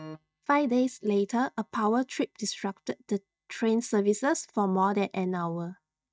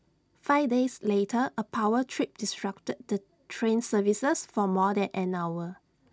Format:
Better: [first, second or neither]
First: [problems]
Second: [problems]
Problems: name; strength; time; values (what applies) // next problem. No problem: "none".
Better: second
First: noise reduction (neural mask model DeepFilterNet 3)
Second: none